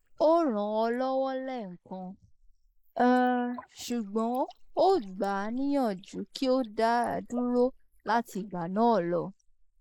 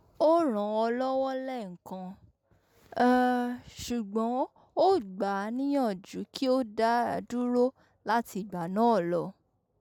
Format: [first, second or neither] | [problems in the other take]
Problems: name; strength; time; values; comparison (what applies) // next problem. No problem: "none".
second | noise reduction (neural mask model Resemble Enhance denoiser)